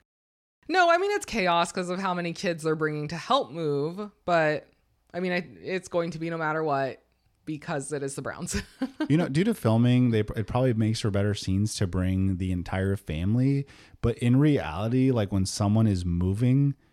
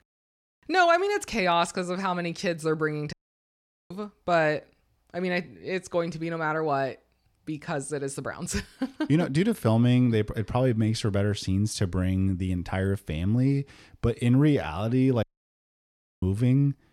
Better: first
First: none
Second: audio cutting out; at 3 s for 1 s and at 15 s for 1 s

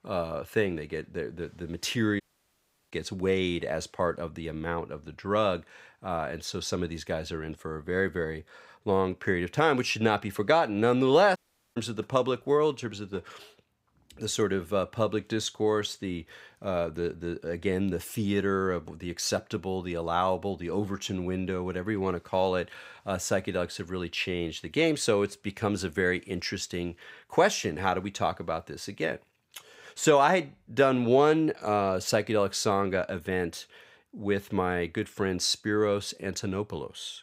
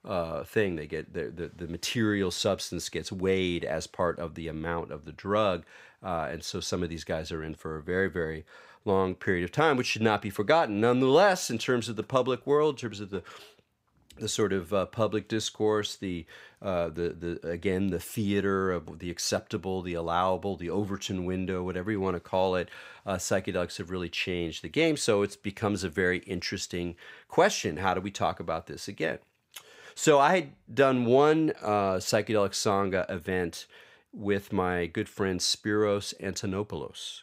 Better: second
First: audio cutting out; at 2 s for 0.5 s and at 11 s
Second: none

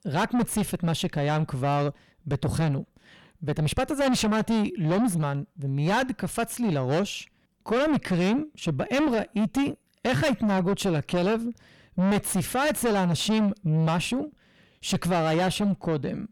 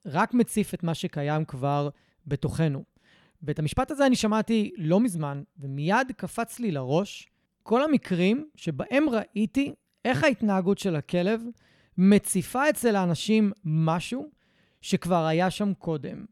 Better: second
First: distortion; heavy; 5 dB below the speech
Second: none

